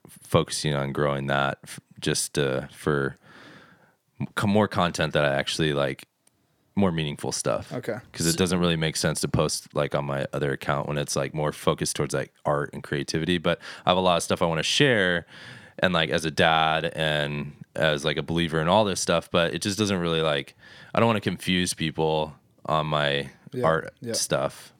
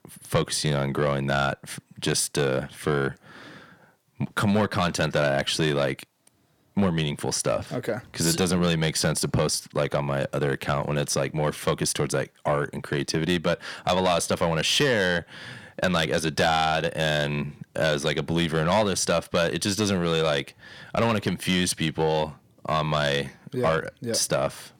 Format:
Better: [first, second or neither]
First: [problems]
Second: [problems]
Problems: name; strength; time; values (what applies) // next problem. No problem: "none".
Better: first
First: none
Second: distortion; slight; 10 dB below the speech